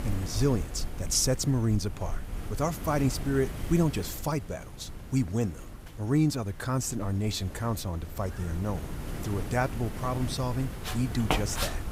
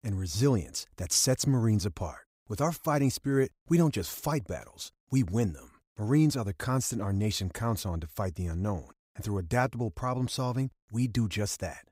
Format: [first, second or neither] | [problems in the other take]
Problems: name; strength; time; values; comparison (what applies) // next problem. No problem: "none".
second | wind noise on the microphone; heavy; 8 dB below the speech